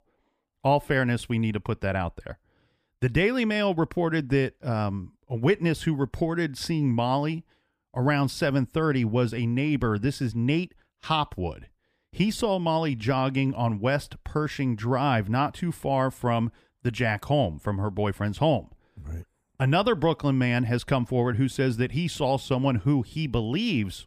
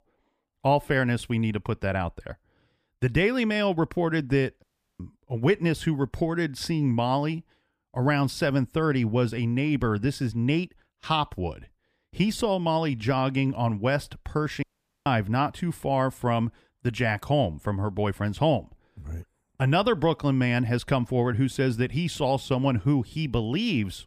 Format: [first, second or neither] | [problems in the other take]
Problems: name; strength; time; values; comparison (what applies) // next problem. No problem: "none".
first | audio cutting out; at 4.5 s and at 15 s